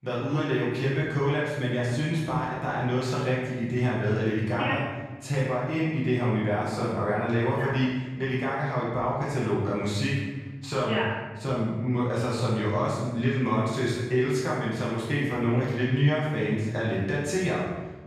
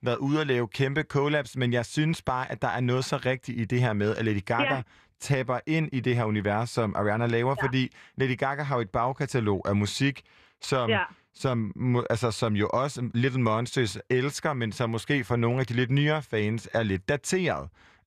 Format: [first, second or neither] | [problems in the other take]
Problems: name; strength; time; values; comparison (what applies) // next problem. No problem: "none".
second | room echo; strong; dies away in 1.1 s // off-mic speech; far